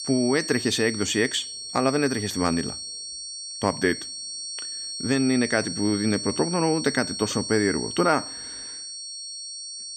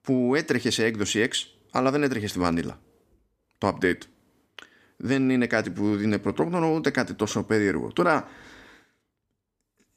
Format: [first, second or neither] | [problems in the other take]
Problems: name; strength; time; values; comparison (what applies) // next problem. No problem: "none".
second | high-pitched whine; loud; throughout; 4.5 kHz, 7 dB below the speech